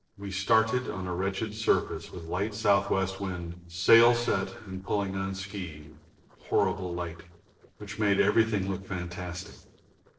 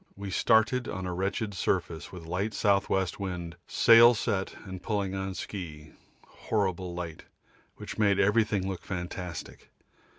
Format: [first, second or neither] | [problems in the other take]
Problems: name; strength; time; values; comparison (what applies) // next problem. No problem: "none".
second | noise reduction (neural separator model SepFormer DNS4)